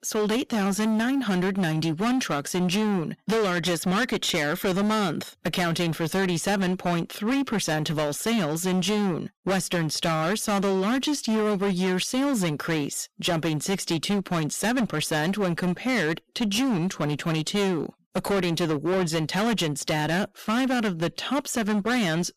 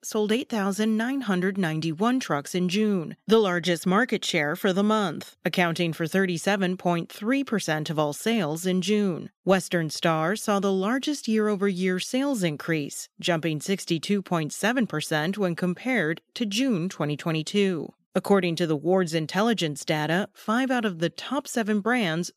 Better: second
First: distortion; heavy; 25% of the sound clipped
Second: none

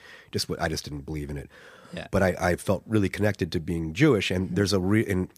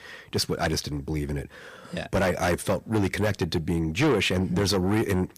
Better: first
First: none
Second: distortion; heavy; 7 dB below the speech

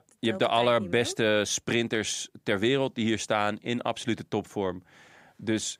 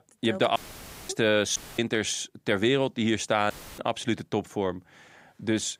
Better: first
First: none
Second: audio cutting out; filled with static; at 0.5 s for 0.5 s, at 1.5 s and at 3.5 s

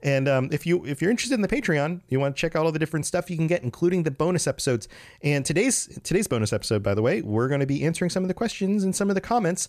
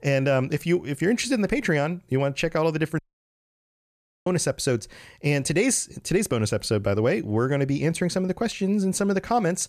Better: first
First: none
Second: audio cutting out; at 3 s for 1.5 s

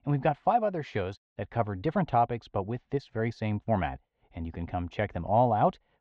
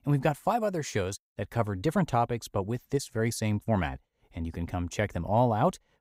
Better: second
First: muffled; very; fading above 3.5 kHz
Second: none

